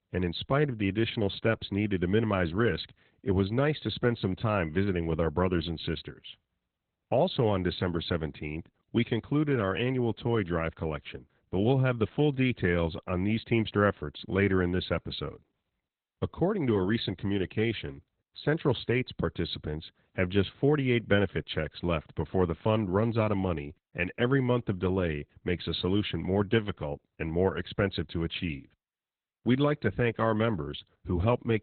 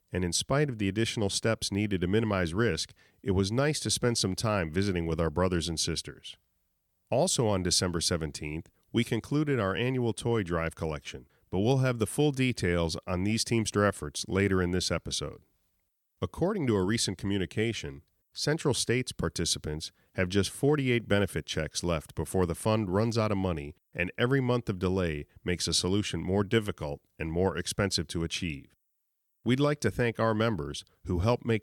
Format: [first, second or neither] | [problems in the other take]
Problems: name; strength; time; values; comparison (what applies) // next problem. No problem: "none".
second | garbled, watery; badly; nothing above 4 kHz